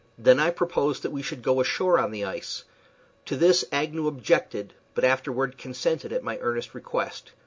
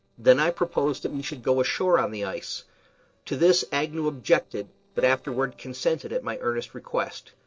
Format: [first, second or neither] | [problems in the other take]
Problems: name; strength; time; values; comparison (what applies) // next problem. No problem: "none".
first | noise reduction (neural separator model SepFormer DNS4)